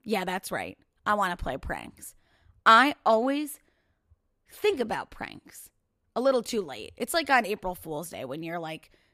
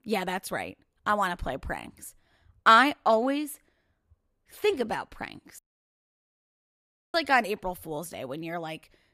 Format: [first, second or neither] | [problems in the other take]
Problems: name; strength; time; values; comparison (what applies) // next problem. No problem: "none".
first | audio cutting out; at 5.5 s for 1.5 s